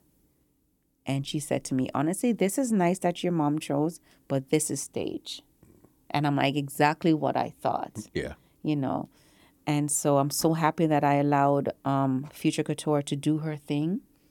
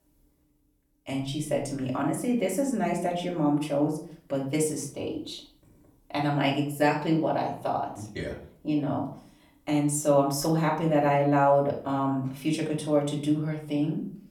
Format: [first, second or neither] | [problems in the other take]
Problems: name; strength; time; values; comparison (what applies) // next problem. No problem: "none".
first | off-mic speech; far // room echo; slight; dies away in 0.4 s